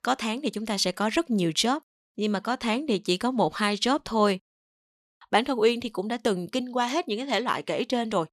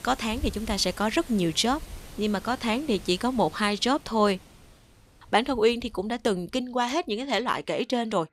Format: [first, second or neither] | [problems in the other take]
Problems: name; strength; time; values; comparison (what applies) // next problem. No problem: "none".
first | wind in the background; noticeable; throughout; 20 dB below the speech